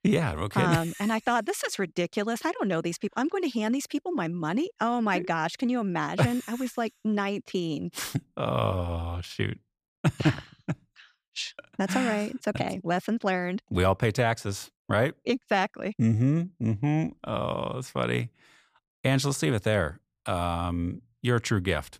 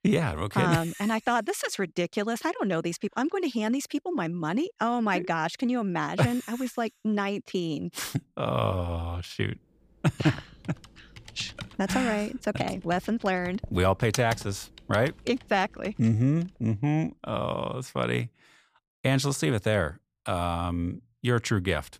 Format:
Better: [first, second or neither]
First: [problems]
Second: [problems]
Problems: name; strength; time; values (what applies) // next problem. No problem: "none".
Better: first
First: none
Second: keyboard typing; noticeable; from 11 to 16 s; peak 6 dB below the speech